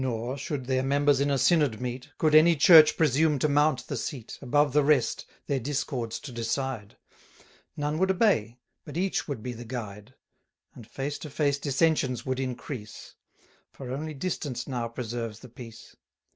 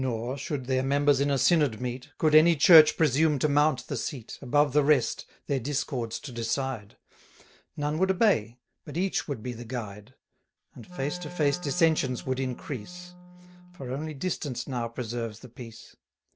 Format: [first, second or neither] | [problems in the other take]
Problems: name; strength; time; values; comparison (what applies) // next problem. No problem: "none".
first | background sound (Wind instrument, woodwind instrument); 17 dB below the speech